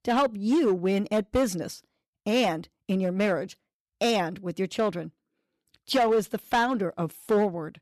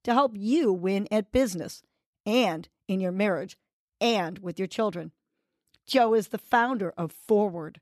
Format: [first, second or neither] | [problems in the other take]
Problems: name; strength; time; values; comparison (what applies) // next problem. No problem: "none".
second | distortion; slight; 6% of the sound clipped